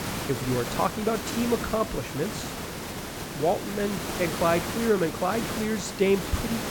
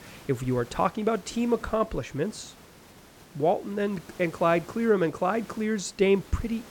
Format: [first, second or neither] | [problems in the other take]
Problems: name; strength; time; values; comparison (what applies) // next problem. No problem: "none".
second | hiss; loud; throughout; 5 dB below the speech; faint in the second